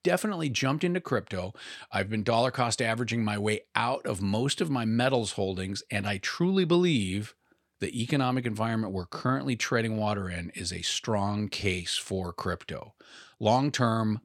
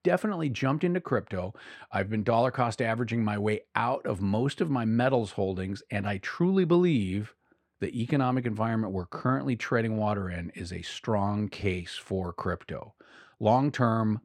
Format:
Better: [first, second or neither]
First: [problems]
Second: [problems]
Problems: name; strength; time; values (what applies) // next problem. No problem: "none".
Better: first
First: none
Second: muffled; slightly; fading above 2.5 kHz